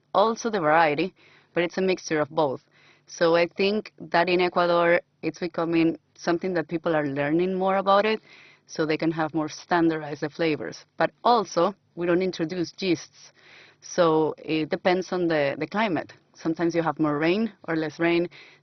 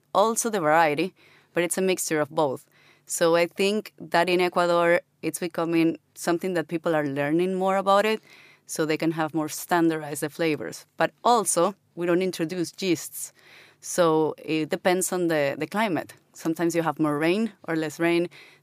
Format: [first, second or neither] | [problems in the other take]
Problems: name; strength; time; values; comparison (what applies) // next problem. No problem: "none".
second | garbled, watery; badly; nothing above 6 kHz